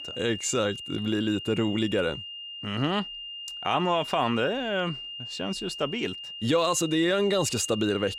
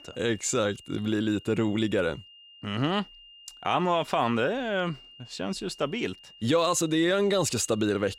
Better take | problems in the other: second | high-pitched whine; loud; throughout; 3 kHz, 9 dB below the speech; faint in the second

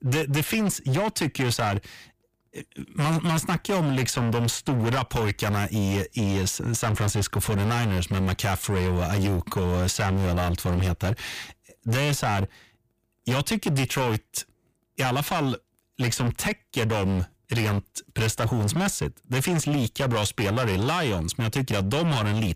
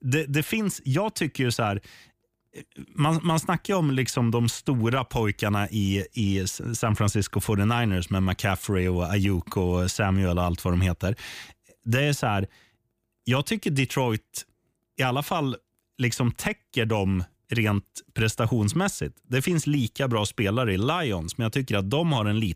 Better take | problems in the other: second | distortion; heavy; 22% of the sound clipped

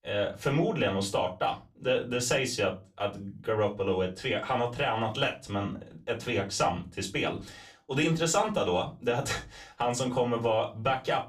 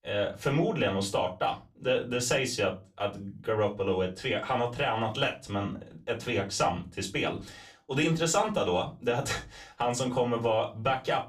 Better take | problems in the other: neither | off-mic speech; far; the same in both // room echo; very slight; dies away in 0.2 s; the same in both

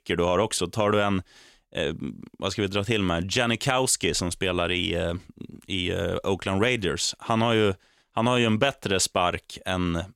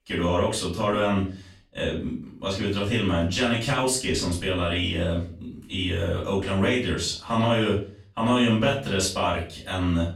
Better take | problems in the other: first | off-mic speech; far // room echo; slight; dies away in 0.4 s

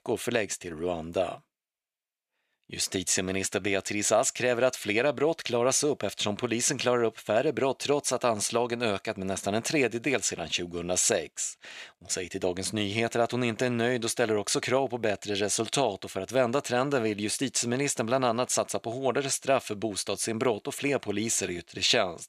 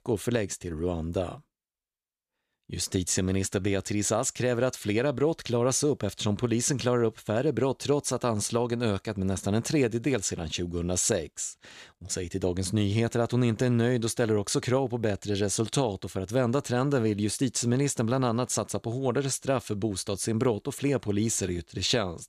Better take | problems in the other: second | thin; somewhat; fading below 350 Hz

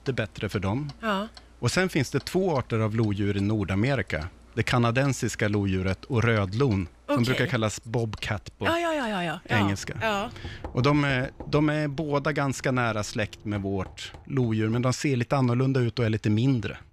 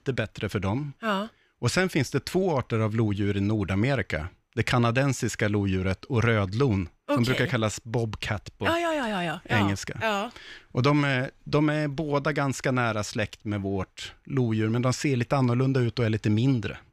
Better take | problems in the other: second | household noises; faint; throughout; 20 dB below the speech

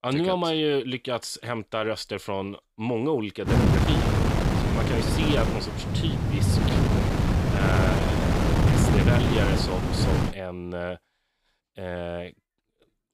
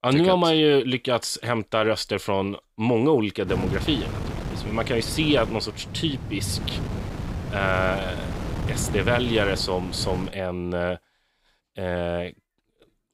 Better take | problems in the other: second | wind noise on the microphone; heavy; from 3.5 to 10 s; 1 dB above the speech; occasional gusts in the second

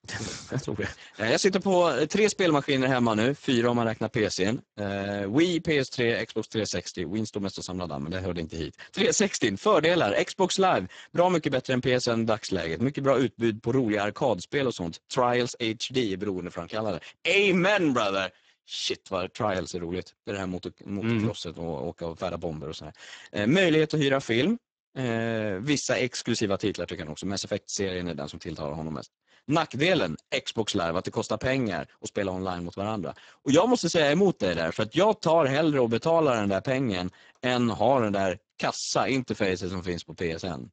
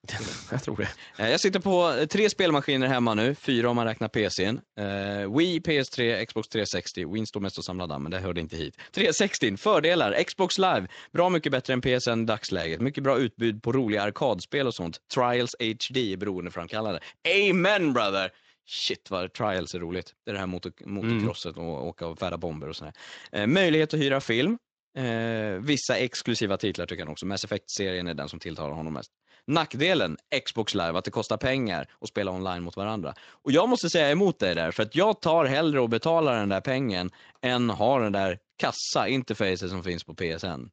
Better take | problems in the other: second | garbled, watery; badly; nothing above 7.5 kHz; slightly in the second

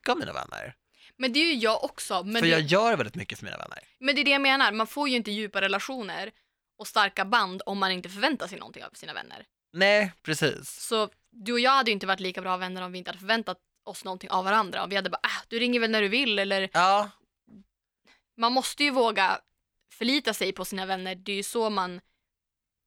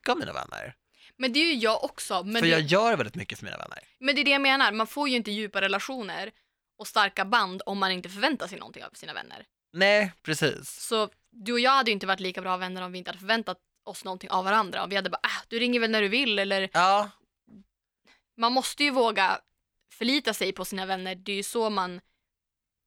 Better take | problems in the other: neither | none

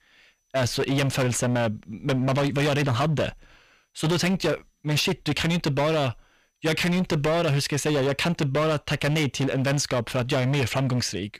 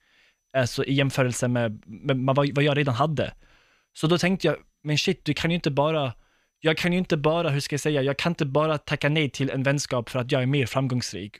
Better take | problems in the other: second | distortion; heavy; 22% of the sound clipped

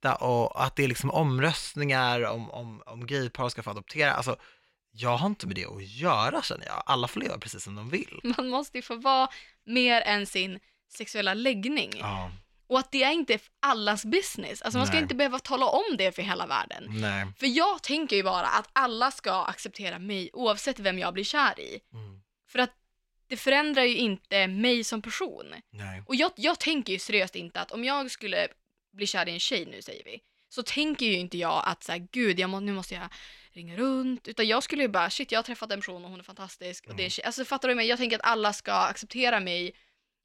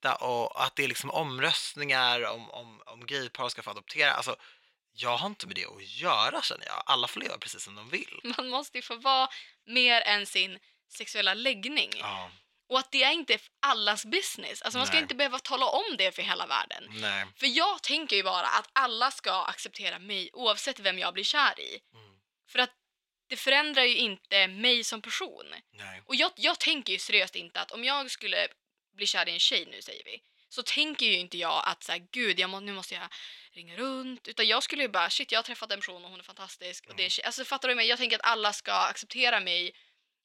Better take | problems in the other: first | thin; somewhat; fading below 750 Hz

